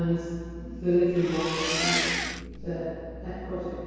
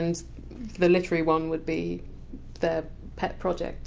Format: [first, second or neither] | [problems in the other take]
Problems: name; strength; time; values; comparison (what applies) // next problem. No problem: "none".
second | background sound (Engine); 1 dB below the speech // room echo; dies away in 2 s